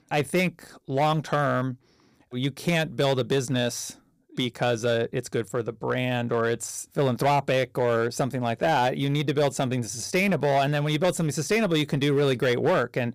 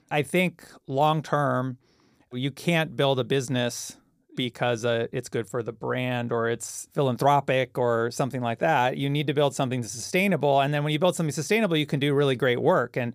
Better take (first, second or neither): second